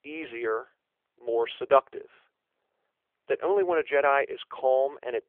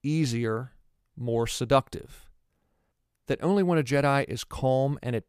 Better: second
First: phone-call audio; nothing above 3.5 kHz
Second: none

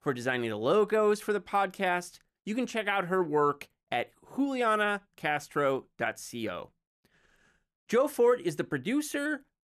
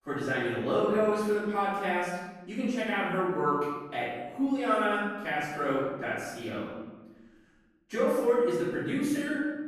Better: first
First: none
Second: off-mic speech; far // room echo; strong; dies away in 1.2 s

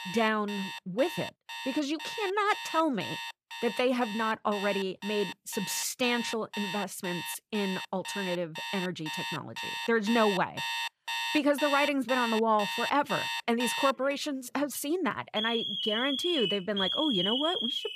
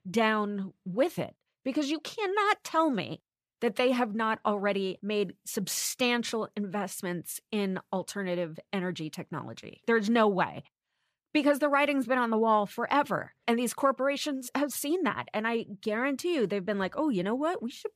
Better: second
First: alarms or sirens; loud; throughout; 4 dB below the speech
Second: none

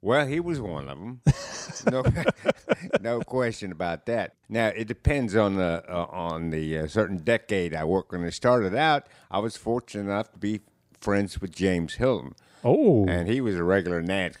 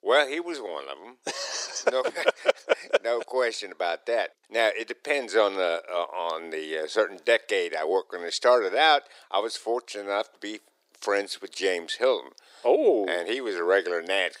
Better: first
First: none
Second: thin; very; fading below 400 Hz

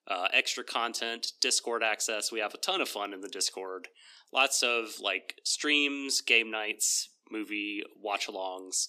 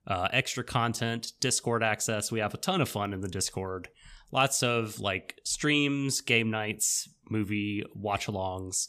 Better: second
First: thin; somewhat; fading below 300 Hz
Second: none

